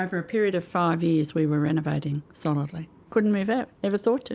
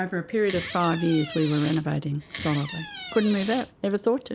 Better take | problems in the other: first | background sound (Door); 12 dB below the speech

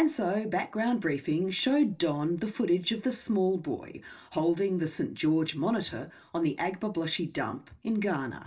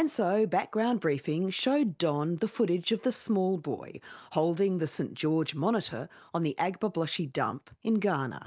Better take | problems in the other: second | room echo; dies away in 0.2 s

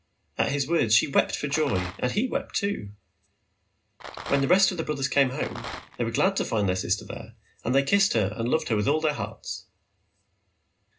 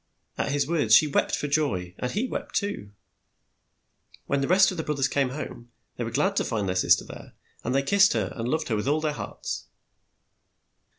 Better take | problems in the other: second | background sound (Rattle); 11 dB below the speech // room echo; dies away in 0.2 s

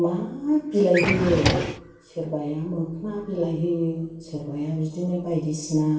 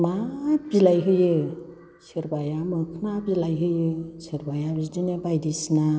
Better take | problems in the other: second | background sound (Drawer open or close); as loud as the speech // room echo; dies away in 0.4 s

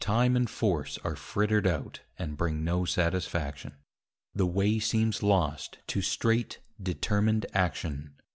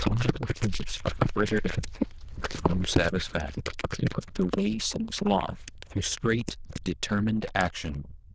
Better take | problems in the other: first | noise reduction (neural diffusion model UNIVERSE++)

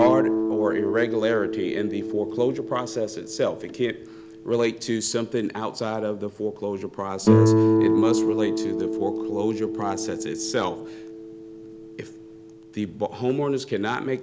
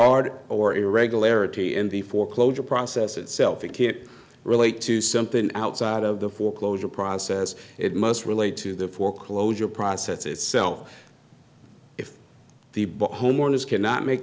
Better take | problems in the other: second | background sound (Guitar); 1 dB above the speech

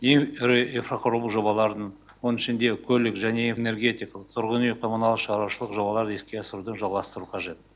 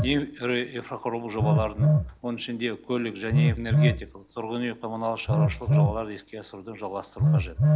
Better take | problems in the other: first | background sound (Telephone); 5 dB above the speech

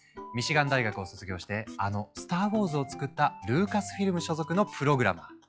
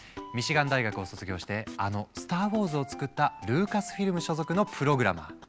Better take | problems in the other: second | noise reduction (classical method log-MMSE)

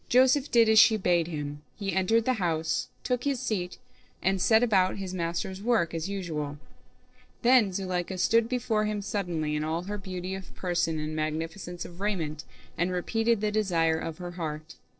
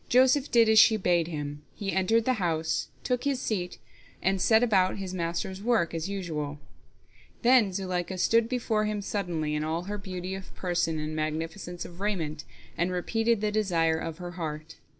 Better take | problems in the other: second | noise reduction (neural separator model SepFormer DNS4)

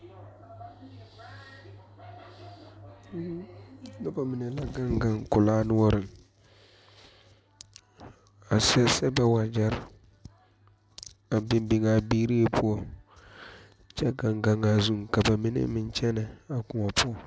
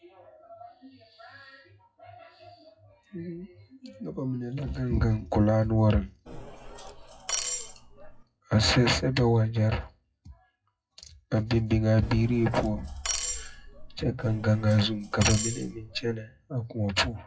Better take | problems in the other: first | noise reduction (classical method WPE with log-MMSE)

